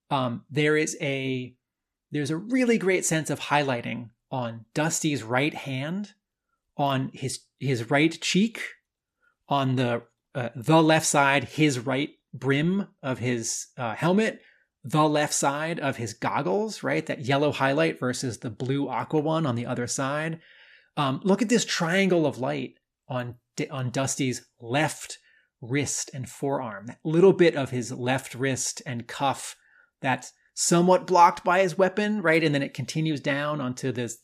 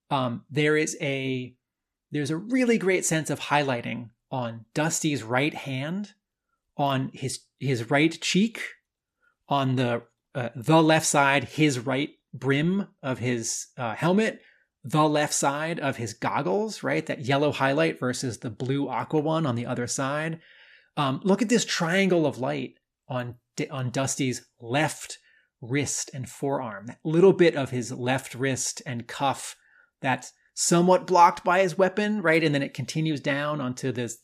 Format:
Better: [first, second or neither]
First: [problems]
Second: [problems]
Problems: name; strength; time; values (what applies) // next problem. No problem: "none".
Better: neither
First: none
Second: none